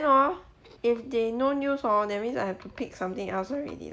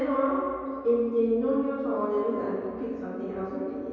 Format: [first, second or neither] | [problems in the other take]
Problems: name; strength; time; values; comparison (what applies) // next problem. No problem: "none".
first | room echo; dies away in 2.2 s